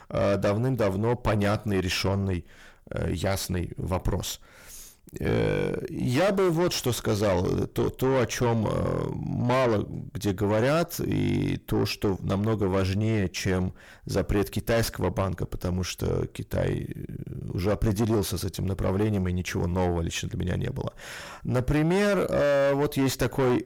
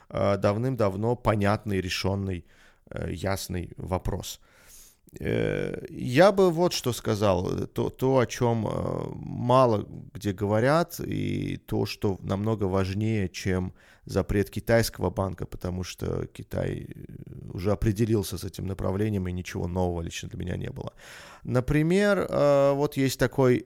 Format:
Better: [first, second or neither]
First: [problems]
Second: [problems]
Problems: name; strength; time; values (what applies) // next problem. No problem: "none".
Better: second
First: distortion; heavy; 5 dB below the speech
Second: none